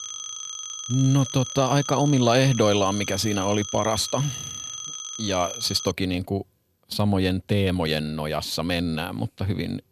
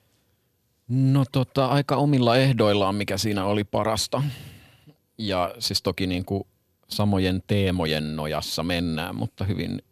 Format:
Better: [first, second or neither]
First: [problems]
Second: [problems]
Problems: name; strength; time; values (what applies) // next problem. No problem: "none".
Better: second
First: phone ringing; noticeable; until 6 s; peak 8 dB below the speech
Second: none